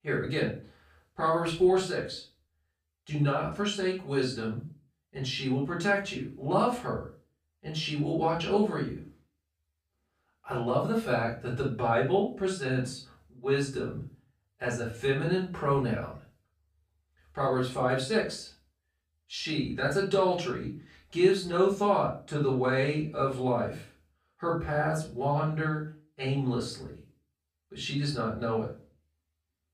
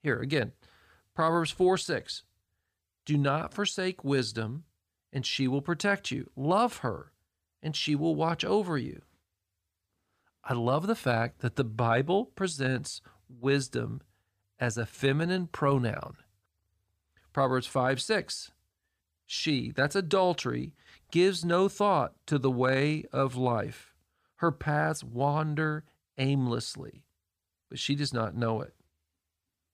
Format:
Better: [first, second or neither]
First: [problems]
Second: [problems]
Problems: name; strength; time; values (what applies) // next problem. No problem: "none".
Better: second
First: off-mic speech; far // room echo; slight; dies away in 0.3 s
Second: none